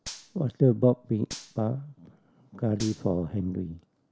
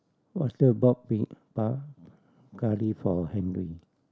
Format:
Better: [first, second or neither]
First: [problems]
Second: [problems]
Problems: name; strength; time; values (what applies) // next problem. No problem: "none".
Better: second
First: background sound (Gunshot, gunfire); 18 dB below the speech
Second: none